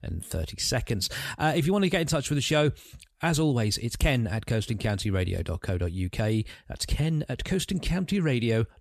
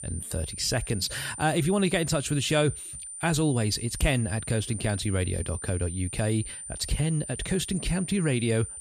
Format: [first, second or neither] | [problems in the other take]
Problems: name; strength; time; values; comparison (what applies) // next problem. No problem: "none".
first | high-pitched whine; loud; throughout; 9 kHz, 9 dB below the speech